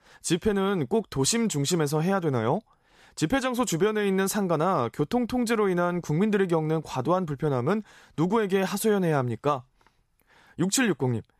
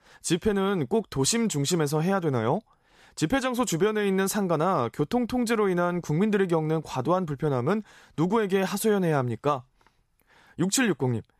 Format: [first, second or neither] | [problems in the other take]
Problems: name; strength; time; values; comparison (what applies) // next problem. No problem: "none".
neither | none